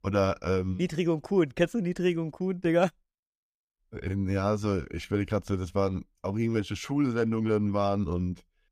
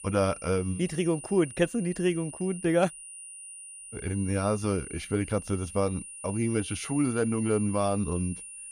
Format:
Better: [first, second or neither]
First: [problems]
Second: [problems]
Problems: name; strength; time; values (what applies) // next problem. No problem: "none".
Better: first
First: none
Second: high-pitched whine; noticeable; throughout; 9 kHz, 10 dB below the speech